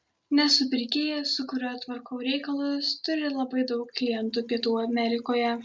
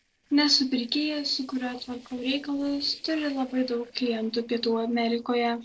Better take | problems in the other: first | noise reduction (neural separator model SepFormer DNS4)

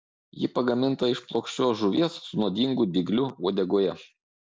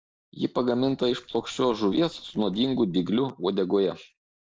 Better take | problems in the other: first | noise reduction (neural separator model SepFormer DNS4)

